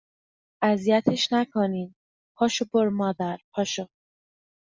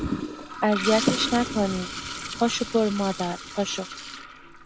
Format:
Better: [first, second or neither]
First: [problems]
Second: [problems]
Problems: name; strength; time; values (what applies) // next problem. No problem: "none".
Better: first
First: none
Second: background sound (Toilet flush); 6 dB below the speech